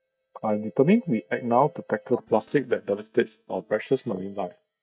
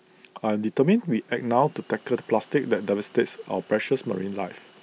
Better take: second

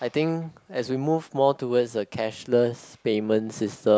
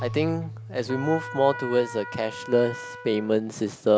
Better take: first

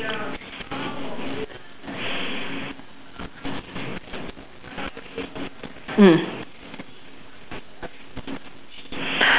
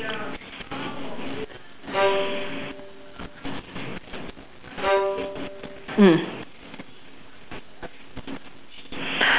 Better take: first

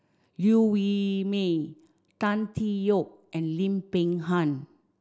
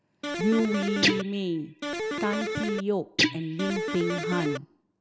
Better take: first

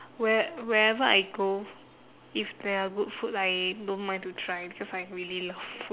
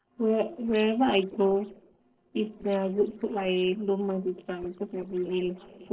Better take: first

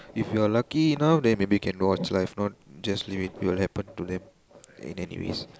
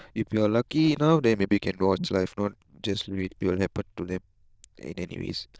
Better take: first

